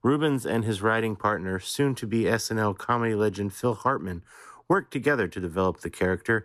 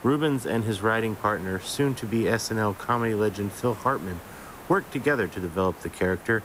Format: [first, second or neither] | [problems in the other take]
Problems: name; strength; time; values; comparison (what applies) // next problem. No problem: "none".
first | hiss; noticeable; throughout; 15 dB below the speech